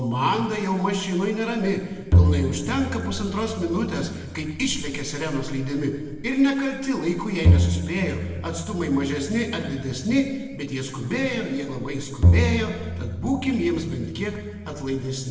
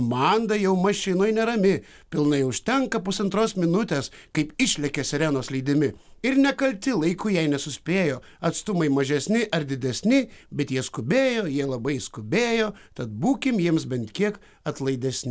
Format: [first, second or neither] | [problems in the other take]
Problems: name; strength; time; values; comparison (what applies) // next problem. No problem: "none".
second | background sound (Bowed string instrument); 2 dB above the speech // room echo; dies away in 1.2 s